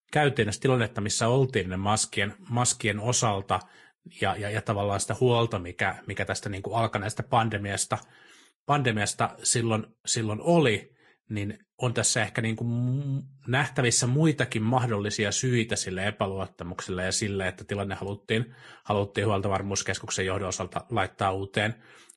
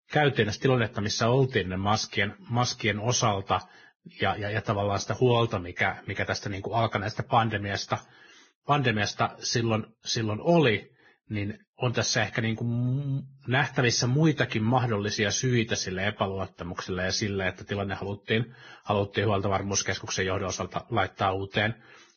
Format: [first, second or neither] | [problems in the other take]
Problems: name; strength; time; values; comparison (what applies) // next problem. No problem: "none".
first | garbled, watery; badly; nothing above 6.5 kHz; slightly in the first